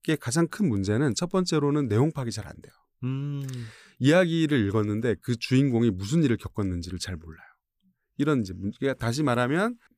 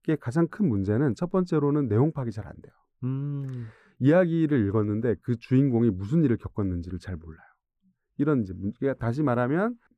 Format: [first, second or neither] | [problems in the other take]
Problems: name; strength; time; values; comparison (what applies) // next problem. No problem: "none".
first | muffled; very; fading above 2.5 kHz